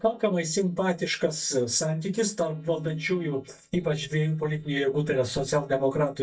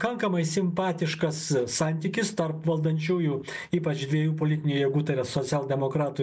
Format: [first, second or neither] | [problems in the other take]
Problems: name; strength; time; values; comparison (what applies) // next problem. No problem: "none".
second | noise reduction (neural mask model DeepFilterNet 3)